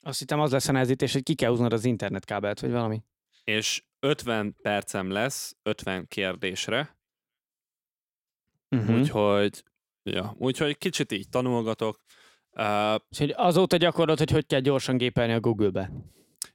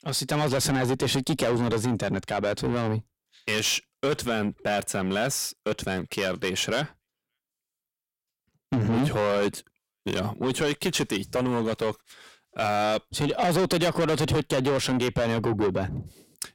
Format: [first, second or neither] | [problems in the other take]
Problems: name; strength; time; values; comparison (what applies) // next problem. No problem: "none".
first | distortion; heavy; 6 dB below the speech